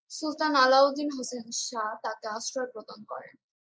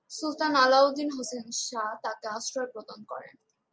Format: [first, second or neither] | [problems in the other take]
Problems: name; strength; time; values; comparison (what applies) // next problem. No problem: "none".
second | noise reduction (neural mask model Resemble Enhance denoiser)